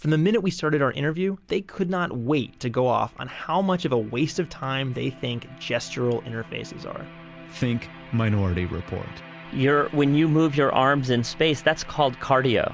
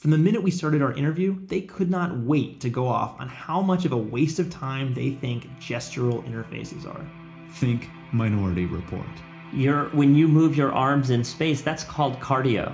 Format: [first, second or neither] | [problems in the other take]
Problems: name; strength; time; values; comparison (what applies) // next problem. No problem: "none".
first | room echo; dies away in 0.4 s